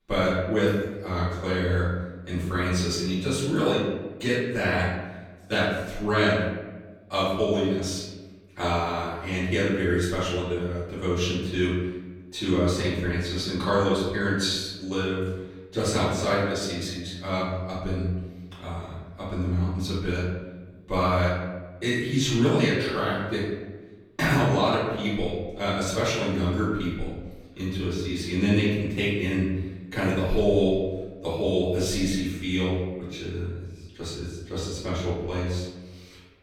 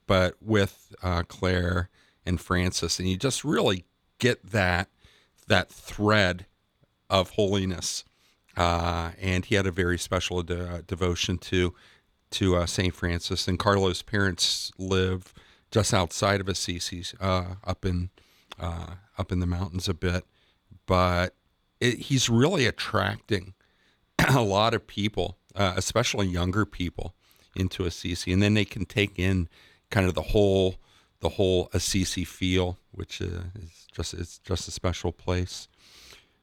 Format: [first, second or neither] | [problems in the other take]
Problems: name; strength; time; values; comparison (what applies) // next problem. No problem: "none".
second | room echo; noticeable; dies away in 1.1 s // off-mic speech; far